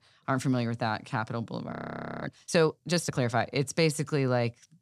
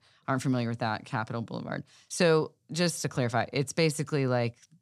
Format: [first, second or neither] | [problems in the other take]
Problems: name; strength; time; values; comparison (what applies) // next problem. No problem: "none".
second | audio freezing; at 1.5 s for 0.5 s